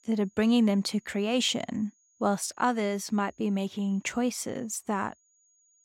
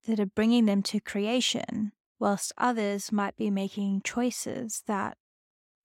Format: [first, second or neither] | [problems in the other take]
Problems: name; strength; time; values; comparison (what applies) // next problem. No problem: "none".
second | high-pitched whine; faint; throughout; 6.5 kHz, 35 dB below the speech